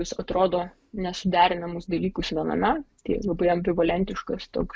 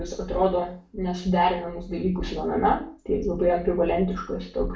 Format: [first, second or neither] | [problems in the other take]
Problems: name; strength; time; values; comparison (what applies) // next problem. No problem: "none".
first | room echo; dies away in 0.4 s